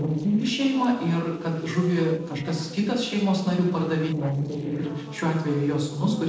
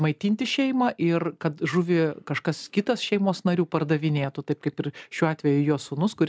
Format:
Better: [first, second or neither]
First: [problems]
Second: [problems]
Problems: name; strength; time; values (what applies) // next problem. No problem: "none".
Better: second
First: noise reduction (neural separator model SepFormer DNS4)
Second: none